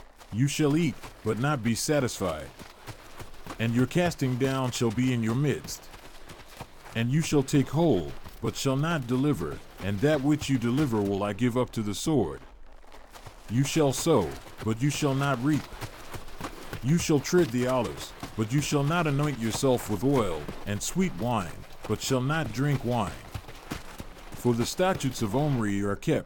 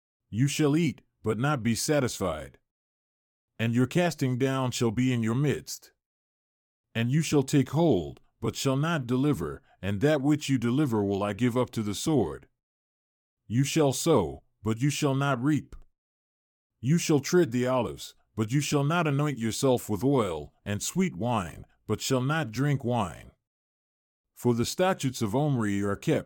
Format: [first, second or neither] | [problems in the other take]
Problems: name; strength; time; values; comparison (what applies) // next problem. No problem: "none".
second | animal sounds; noticeable; throughout; 15 dB below the speech